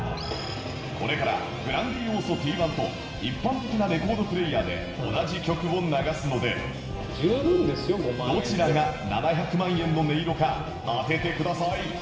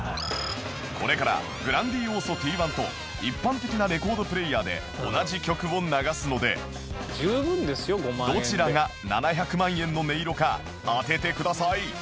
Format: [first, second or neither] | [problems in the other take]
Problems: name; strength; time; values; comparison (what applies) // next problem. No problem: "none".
second | background sound (Wind instrument, woodwind instrument); 19 dB below the speech // room echo; dies away in 1.8 s